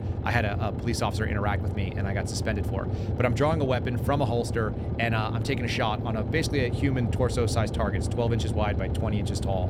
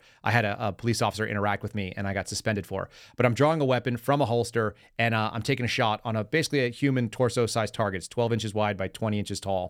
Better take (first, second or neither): second